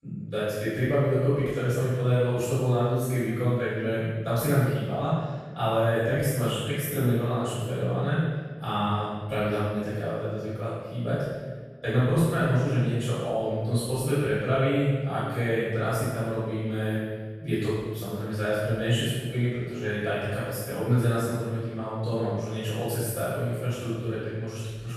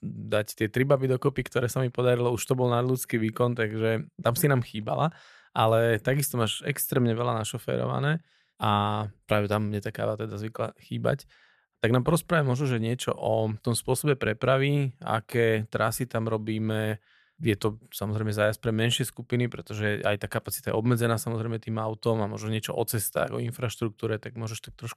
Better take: second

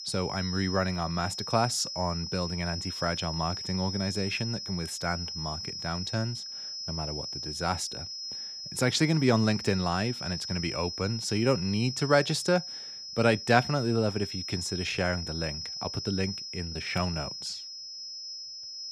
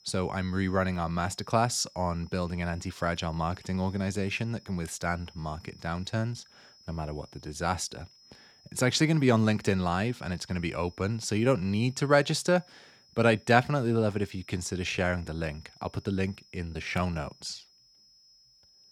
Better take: second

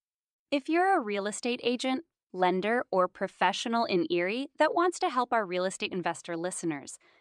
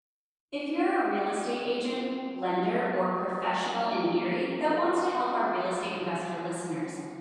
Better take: first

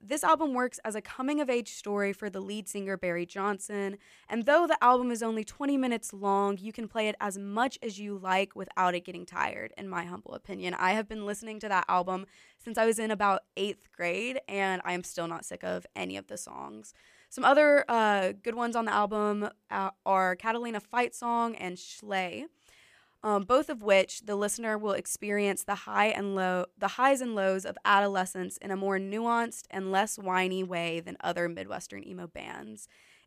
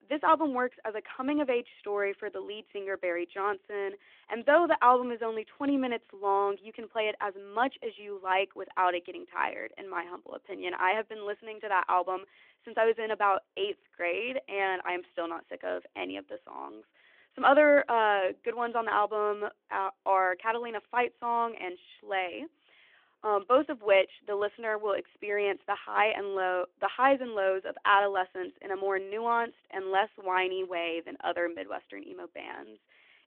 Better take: first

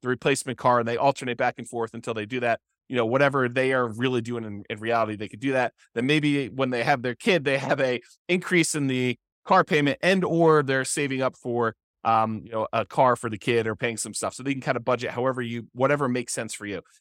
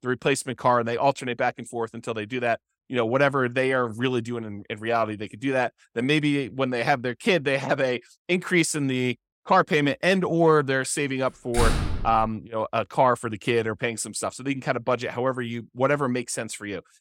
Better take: first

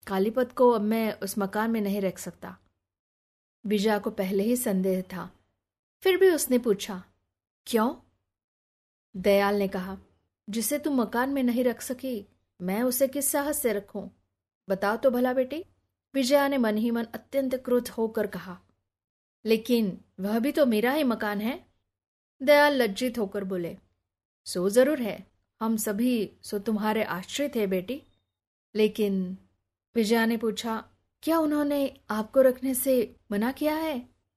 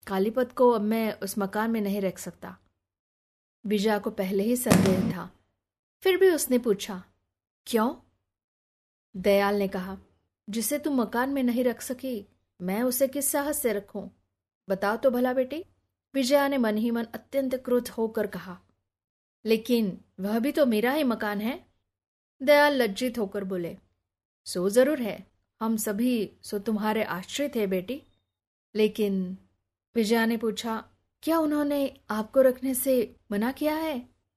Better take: first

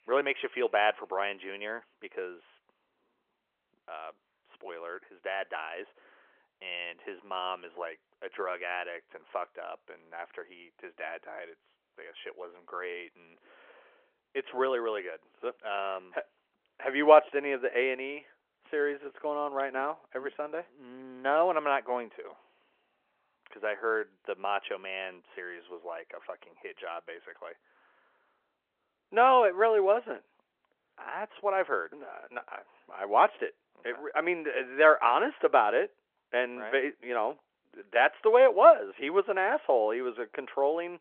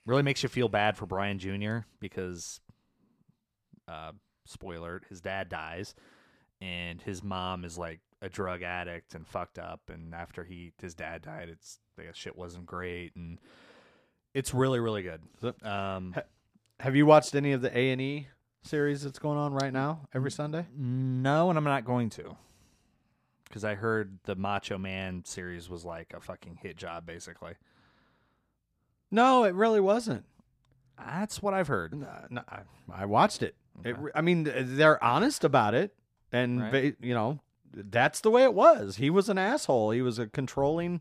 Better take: second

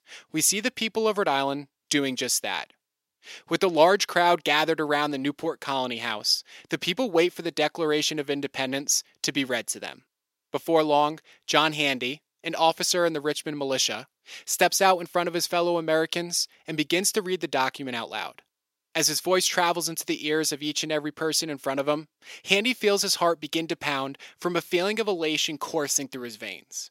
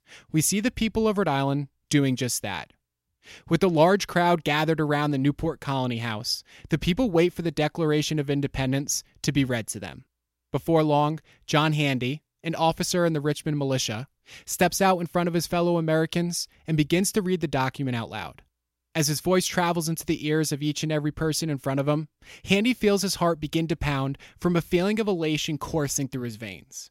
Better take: second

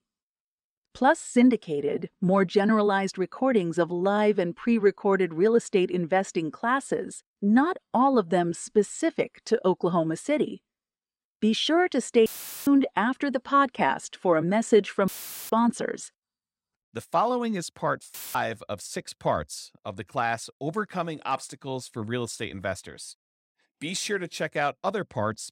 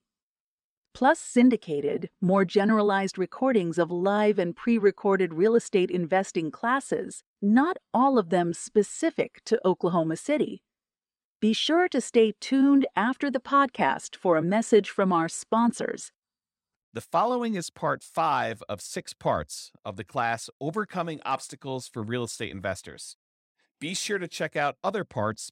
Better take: second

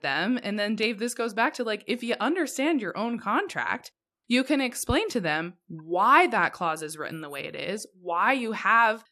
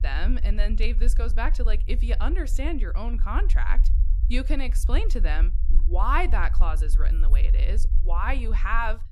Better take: first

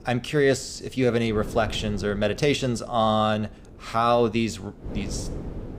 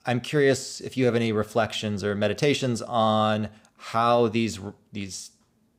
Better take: second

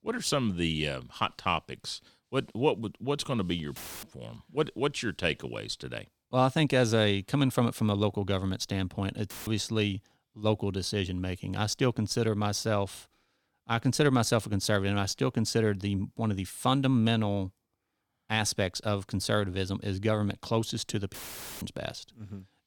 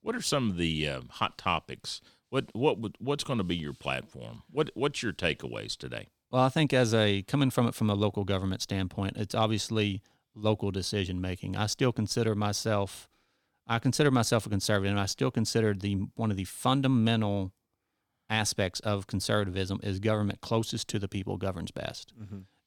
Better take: second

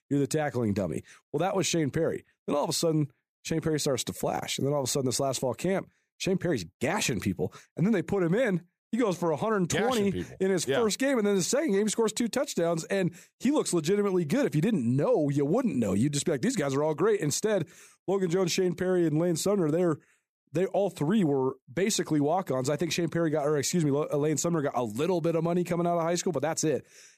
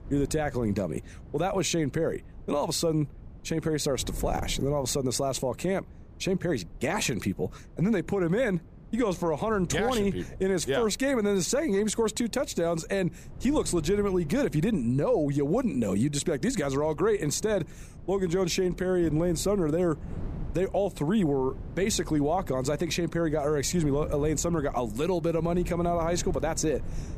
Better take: first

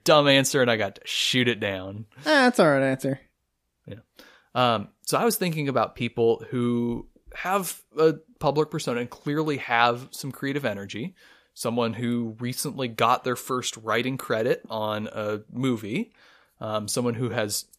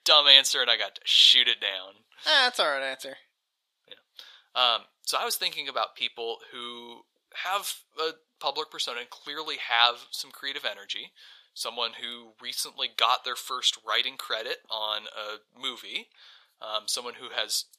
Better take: first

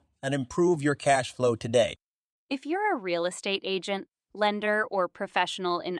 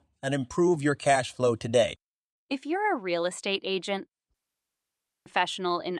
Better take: first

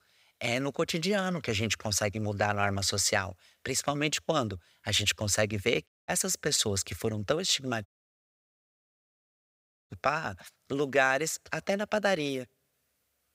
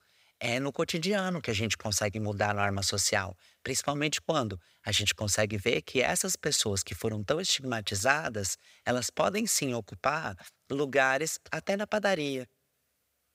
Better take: second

